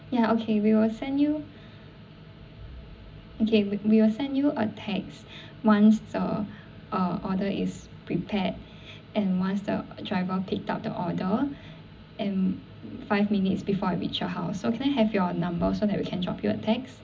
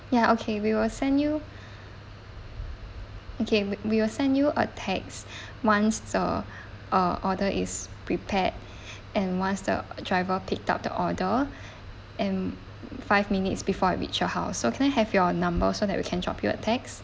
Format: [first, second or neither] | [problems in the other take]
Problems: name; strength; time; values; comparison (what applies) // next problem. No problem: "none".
second | room echo; dies away in 0.4 s